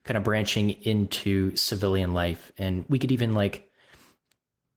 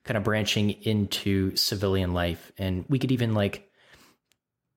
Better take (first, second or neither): second